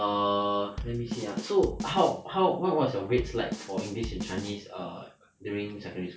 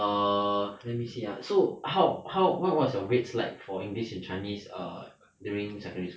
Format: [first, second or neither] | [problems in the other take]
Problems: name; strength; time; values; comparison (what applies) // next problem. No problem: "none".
second | background sound (Drum kit); 9 dB below the speech